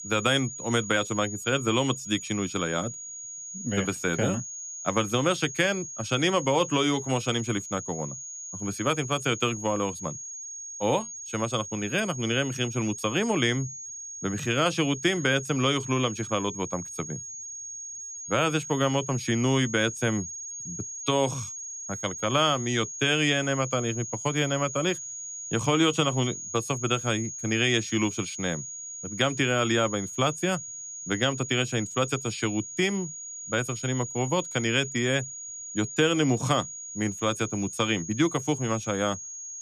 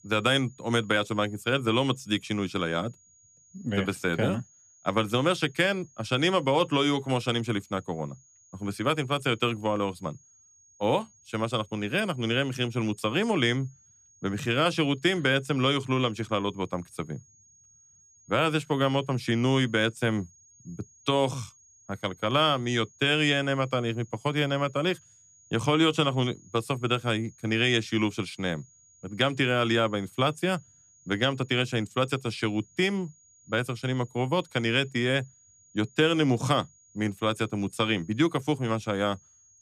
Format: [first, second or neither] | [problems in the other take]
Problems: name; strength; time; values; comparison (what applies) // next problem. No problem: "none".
second | high-pitched whine; loud; throughout; 6.5 kHz, 9 dB below the speech; faint in the second